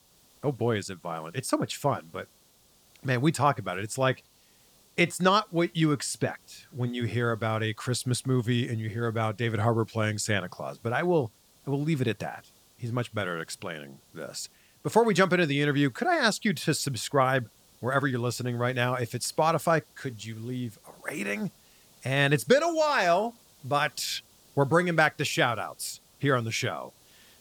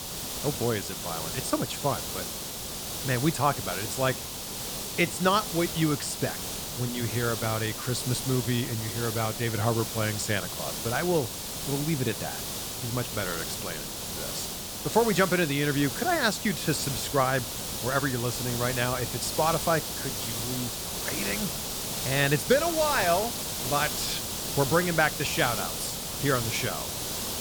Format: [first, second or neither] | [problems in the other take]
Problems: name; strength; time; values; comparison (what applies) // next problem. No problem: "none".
first | hiss; loud; throughout; 3 dB below the speech; faint in the first